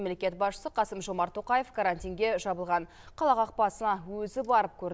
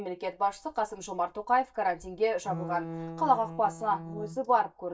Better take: first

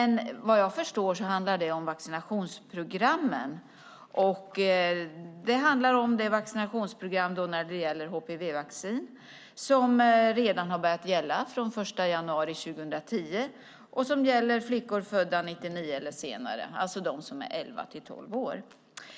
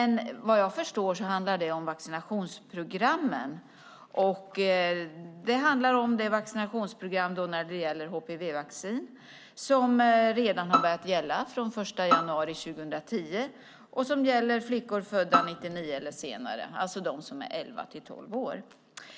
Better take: first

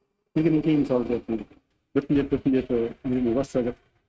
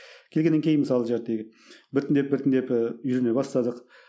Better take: second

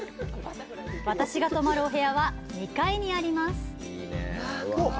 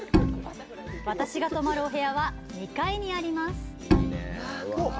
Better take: first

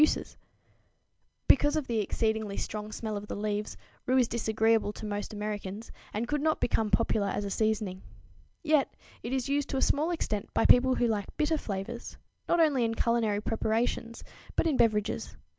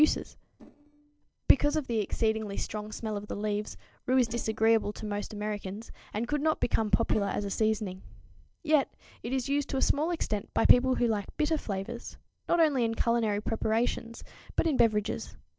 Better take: first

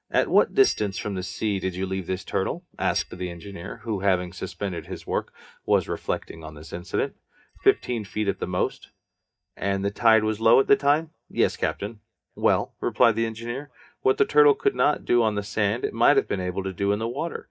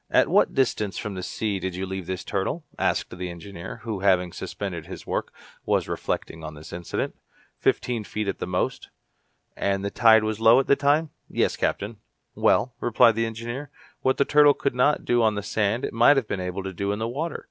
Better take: second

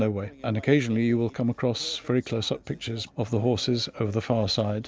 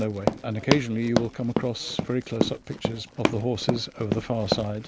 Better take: first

